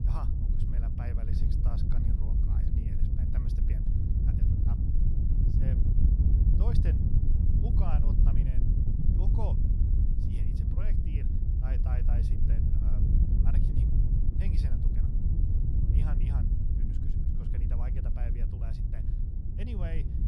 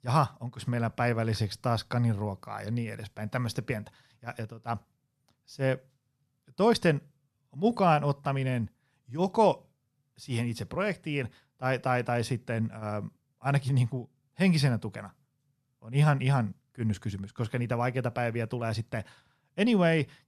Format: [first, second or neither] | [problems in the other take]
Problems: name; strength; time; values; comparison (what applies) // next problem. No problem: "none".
second | wind noise on the microphone; heavy; 4 dB above the speech